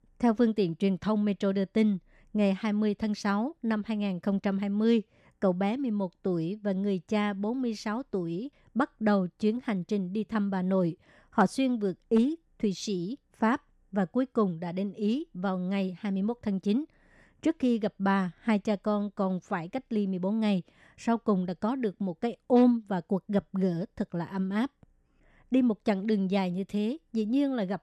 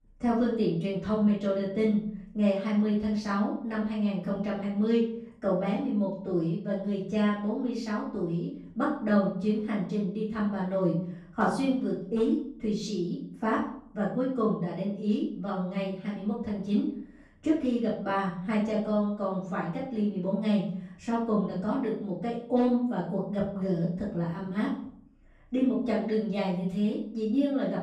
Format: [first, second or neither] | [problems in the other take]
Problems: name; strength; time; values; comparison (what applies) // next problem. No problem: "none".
first | off-mic speech; far // room echo; noticeable; dies away in 0.6 s